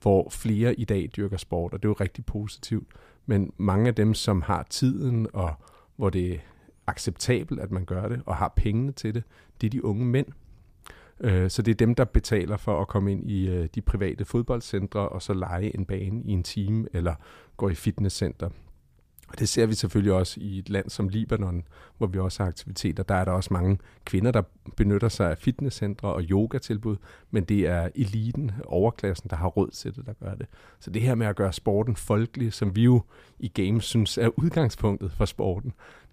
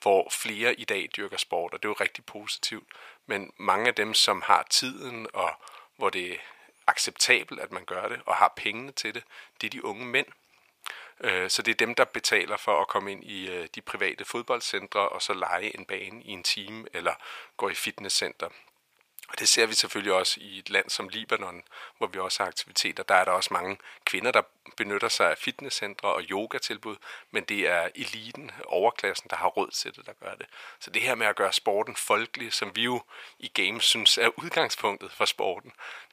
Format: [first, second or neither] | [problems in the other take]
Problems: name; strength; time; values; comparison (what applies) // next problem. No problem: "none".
first | thin; very; fading below 850 Hz